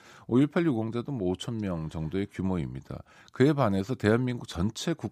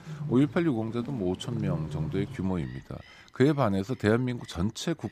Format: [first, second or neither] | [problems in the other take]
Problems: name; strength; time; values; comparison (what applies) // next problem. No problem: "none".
first | animal sounds; loud; throughout; 9 dB below the speech